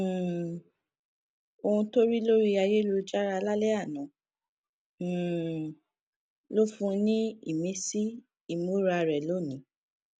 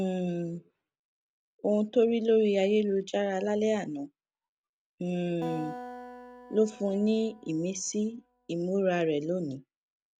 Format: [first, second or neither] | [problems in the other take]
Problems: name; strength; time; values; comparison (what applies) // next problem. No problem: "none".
first | background sound (Acoustic guitar); 15 dB below the speech